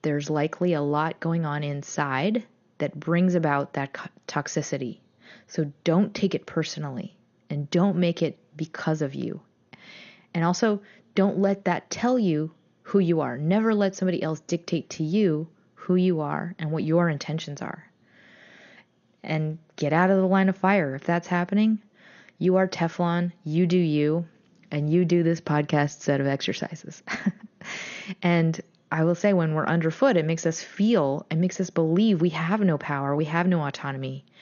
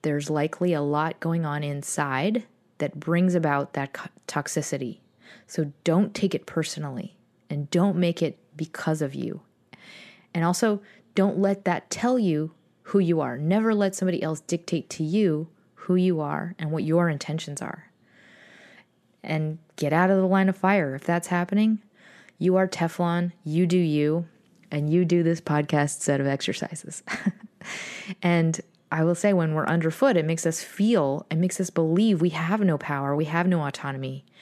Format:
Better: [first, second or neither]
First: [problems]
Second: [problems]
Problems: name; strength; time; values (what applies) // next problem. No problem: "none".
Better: second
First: garbled, watery; slightly; nothing above 6.5 kHz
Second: none